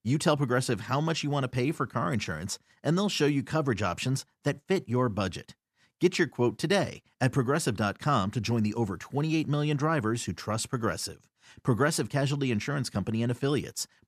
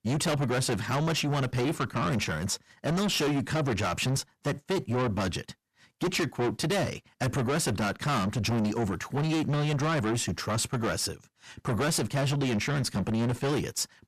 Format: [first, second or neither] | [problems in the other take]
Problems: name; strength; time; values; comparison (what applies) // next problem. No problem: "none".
first | distortion; heavy; 6 dB below the speech